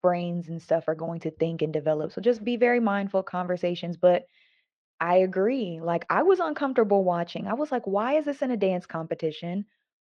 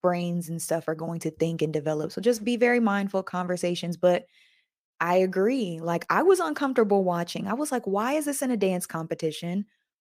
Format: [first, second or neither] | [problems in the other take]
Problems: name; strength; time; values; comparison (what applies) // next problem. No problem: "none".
second | muffled; slightly; fading above 4 kHz